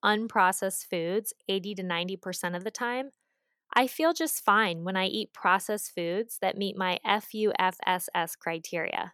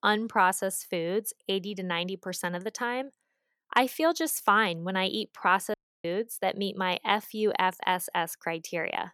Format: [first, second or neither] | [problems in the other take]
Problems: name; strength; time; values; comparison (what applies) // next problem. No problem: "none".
first | audio cutting out; at 5.5 s